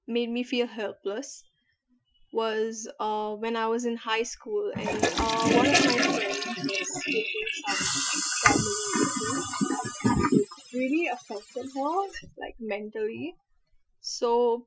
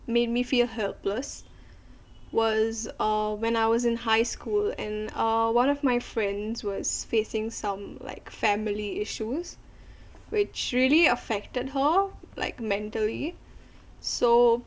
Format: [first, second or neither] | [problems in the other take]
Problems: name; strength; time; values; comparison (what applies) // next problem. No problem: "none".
second | noise reduction (classical method Wiener filter)